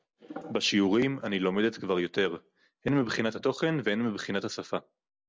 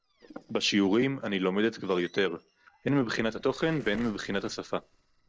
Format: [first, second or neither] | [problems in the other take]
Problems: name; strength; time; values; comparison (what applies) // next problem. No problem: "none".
first | noise reduction (neural separator model SepFormer DNS4)